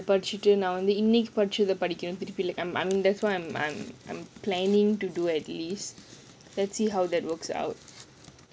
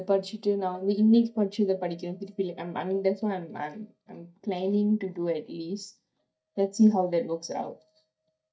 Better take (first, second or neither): first